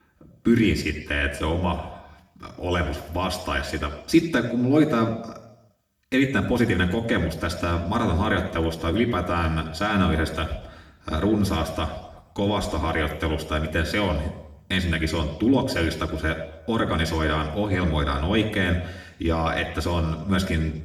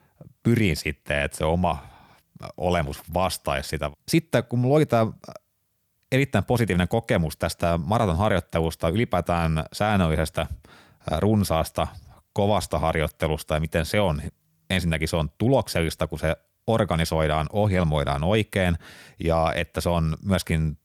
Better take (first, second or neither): second